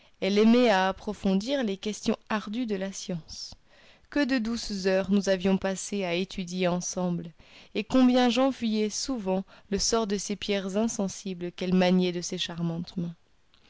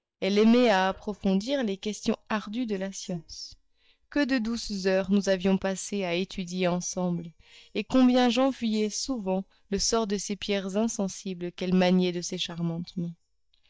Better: first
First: none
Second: noise reduction (neural mask model DeepFilterNet 3)

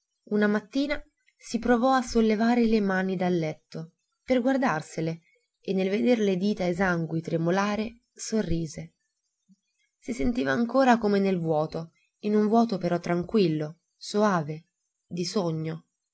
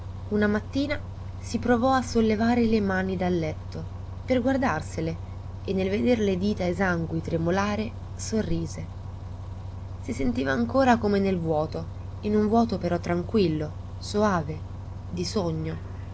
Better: first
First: none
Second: background sound (Bus); 9 dB below the speech

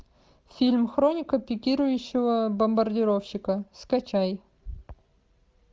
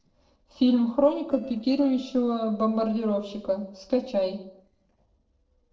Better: first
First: none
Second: noise reduction (neural separator model SepFormer DNS4)

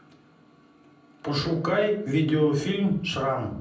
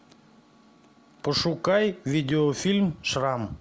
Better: second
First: room echo; dies away in 0.6 s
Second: none

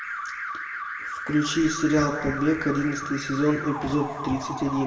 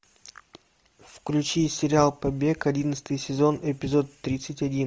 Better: second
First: background sound (Alarm); 7 dB below the speech // room echo; dies away in 1.4 s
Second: none

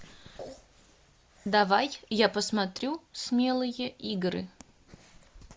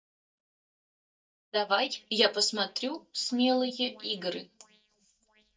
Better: first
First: none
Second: noise reduction (neural mask model DeepFilterNet 3)

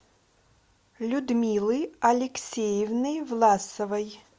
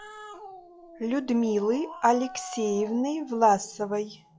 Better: first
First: none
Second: noise reduction (classical method log-MMSE)

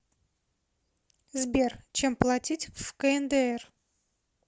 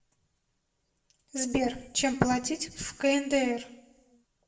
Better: first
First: none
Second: room echo; dies away in 0.6 s

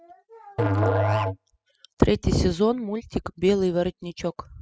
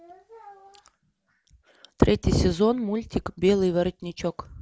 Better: second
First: noise reduction (classical method spectral subtraction)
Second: none

